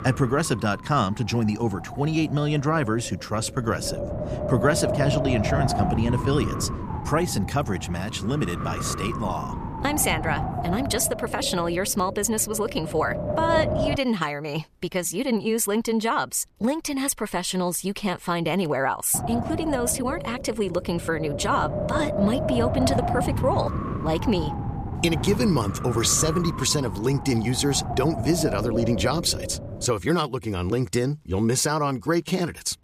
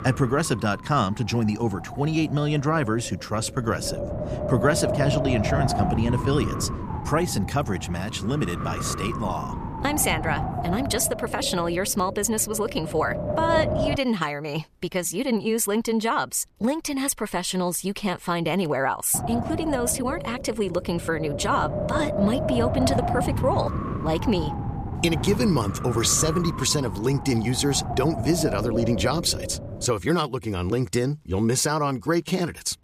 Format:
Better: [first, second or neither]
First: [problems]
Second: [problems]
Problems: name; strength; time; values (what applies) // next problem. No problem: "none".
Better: neither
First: wind noise on the microphone; heavy; until 14 s and from 19 to 30 s; 5 dB below the speech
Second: wind noise on the microphone; heavy; until 14 s and from 19 to 30 s; 5 dB below the speech